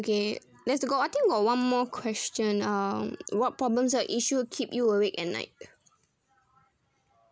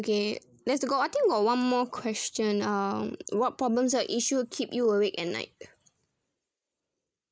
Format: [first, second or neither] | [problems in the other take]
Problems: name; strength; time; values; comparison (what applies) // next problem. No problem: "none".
first | noise reduction (neural mask model Resemble Enhance denoiser)